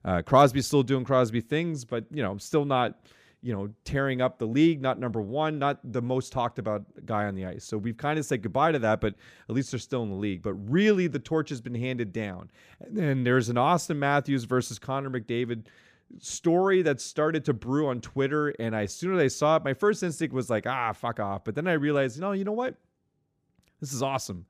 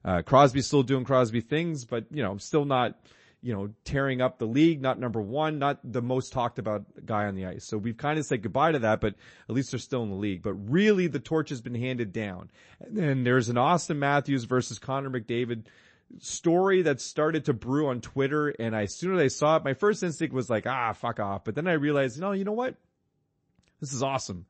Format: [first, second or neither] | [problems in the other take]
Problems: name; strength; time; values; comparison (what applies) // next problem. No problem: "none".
first | garbled, watery; slightly; nothing above 8 kHz